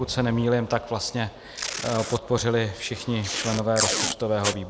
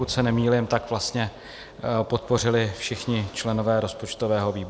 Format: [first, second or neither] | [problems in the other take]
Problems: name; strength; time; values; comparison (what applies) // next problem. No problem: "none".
second | background sound (Packing tape, duct tape); 5 dB below the speech